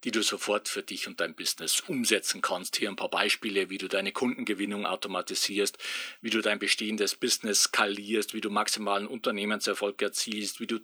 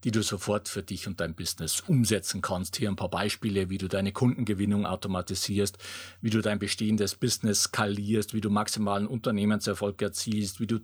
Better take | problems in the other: second | thin; somewhat; fading below 300 Hz

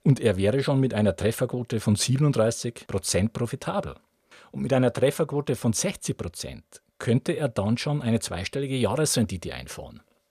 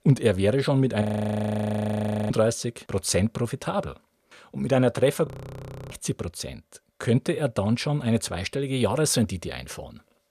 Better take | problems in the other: first | audio freezing; at 1 s for 1.5 s and at 5.5 s for 0.5 s

